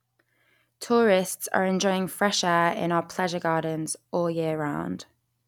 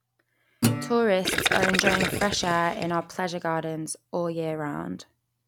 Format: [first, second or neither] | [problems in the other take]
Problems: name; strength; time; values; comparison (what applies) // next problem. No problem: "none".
first | background sound (Gurgling + Guitar); as loud as the speech